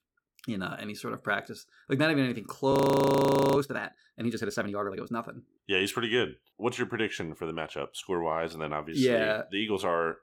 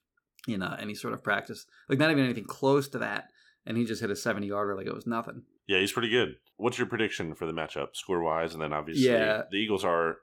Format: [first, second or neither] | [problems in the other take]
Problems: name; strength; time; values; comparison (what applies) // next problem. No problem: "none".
second | audio freezing; at 2.5 s for 1 s